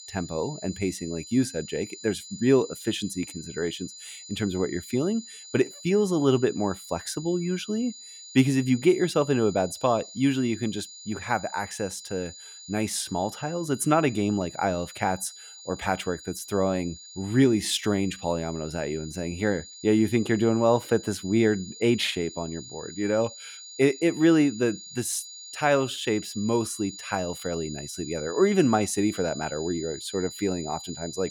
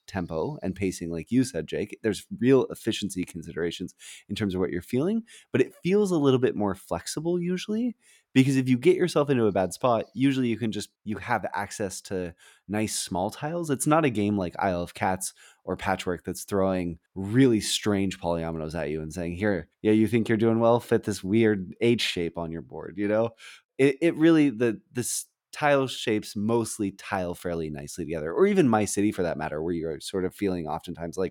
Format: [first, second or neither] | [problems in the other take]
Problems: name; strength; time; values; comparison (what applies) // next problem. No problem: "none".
second | high-pitched whine; noticeable; throughout; 7 kHz, 15 dB below the speech